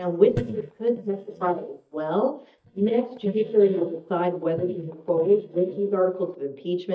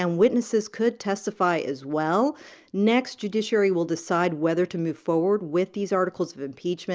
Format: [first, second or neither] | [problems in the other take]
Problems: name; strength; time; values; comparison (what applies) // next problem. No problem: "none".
second | noise reduction (neural mask model DeepFilterNet 3)